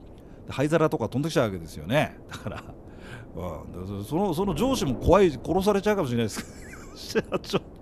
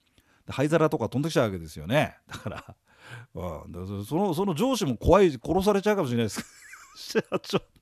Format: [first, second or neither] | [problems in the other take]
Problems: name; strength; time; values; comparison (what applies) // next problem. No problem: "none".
second | wind noise on the microphone; occasional gusts; 20 dB below the speech